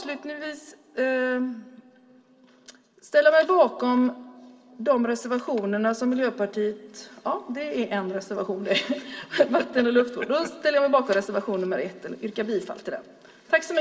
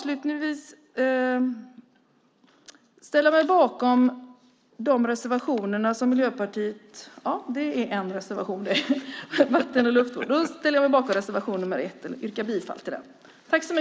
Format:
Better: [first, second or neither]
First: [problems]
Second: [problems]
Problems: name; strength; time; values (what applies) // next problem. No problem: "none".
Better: second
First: room echo; dies away in 1.9 s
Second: none